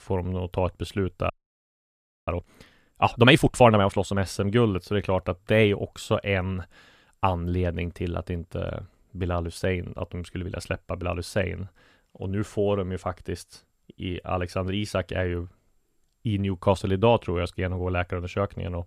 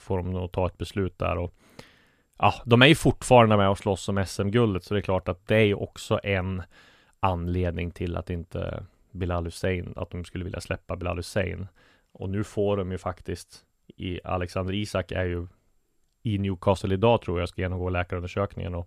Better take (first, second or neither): second